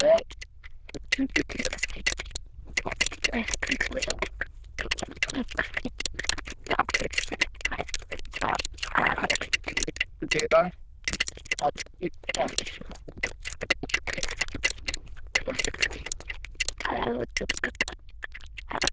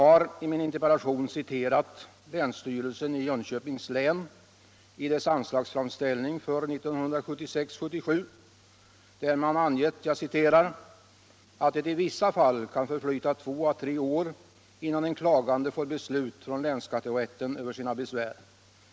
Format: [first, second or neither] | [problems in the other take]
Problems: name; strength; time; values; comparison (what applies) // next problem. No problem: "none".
second | noise reduction (neural diffusion model UNIVERSE++)